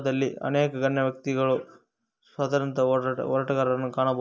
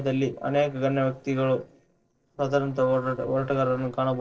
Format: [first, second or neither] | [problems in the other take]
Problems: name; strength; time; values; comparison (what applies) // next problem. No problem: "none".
first | noise reduction (neural separator model SepFormer DNS4)